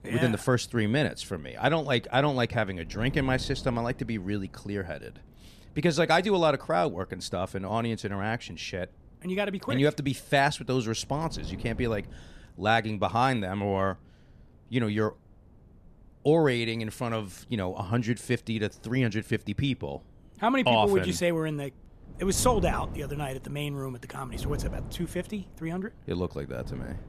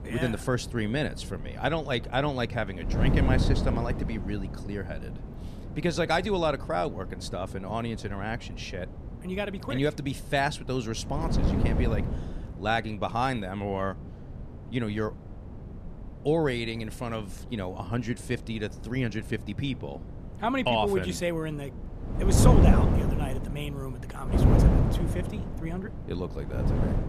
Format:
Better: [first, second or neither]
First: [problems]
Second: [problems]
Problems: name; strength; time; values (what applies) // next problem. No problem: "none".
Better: first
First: wind noise on the microphone; occasional gusts; 20 dB below the speech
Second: wind noise on the microphone; heavy; 6 dB below the speech